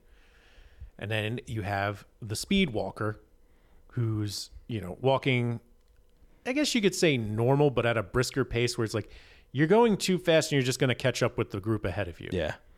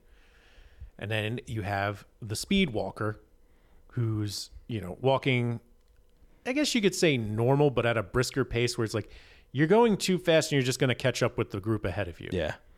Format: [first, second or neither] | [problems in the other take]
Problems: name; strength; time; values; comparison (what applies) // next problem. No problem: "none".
neither | none